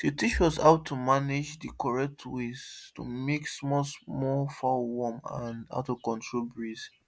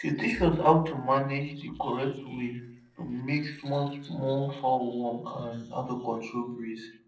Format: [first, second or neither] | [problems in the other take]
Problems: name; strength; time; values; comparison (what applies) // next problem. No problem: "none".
first | noise reduction (neural separator model SepFormer DNS4)